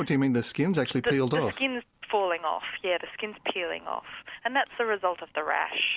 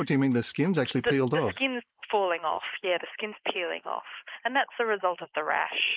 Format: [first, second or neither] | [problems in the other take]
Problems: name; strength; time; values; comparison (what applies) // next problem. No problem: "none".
first | noise reduction (neural mask model Resemble Enhance denoiser)